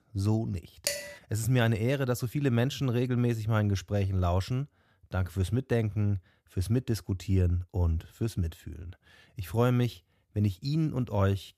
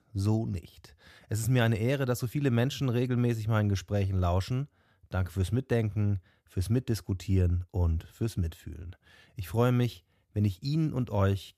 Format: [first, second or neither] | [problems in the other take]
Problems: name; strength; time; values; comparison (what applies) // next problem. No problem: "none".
second | clattering dishes; noticeable; at 1 s; peak 3 dB below the speech